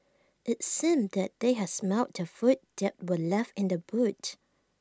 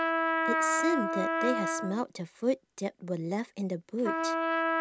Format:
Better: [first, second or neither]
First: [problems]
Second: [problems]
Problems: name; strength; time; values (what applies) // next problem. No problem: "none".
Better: first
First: none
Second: background sound (Trumpet); 2 dB above the speech